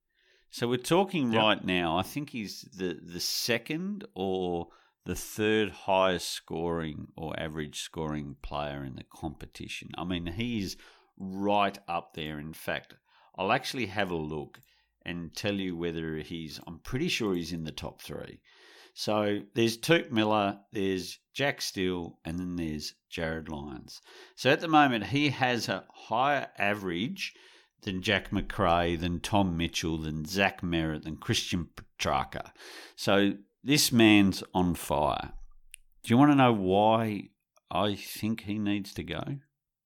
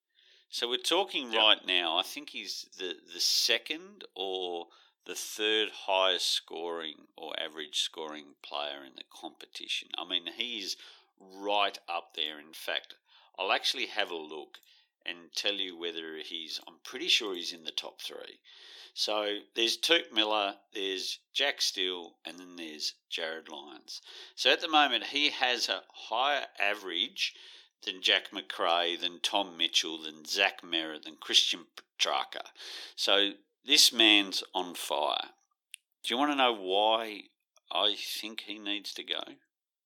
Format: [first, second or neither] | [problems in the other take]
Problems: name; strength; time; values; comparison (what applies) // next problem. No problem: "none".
first | thin; somewhat; fading below 350 Hz